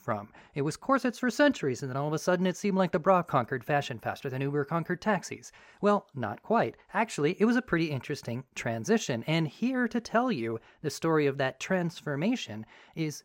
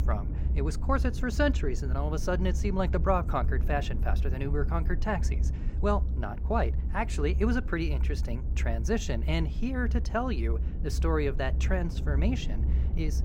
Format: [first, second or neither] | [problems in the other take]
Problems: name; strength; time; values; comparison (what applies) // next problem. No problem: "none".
first | low rumble; noticeable; throughout; 15 dB below the speech